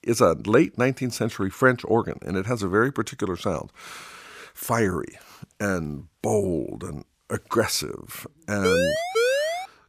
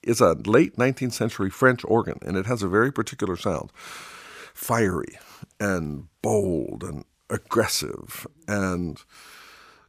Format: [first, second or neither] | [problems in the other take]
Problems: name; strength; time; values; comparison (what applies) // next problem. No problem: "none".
second | siren; loud; from 8.5 s on; peak 3 dB above the speech